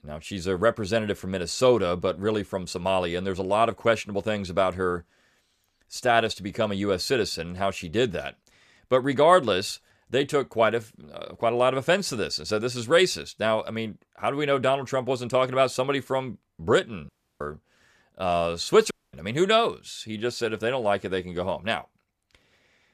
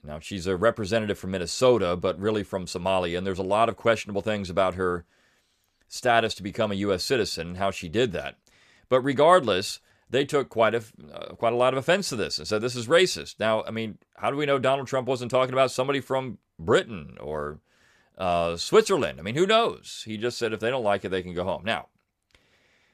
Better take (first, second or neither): second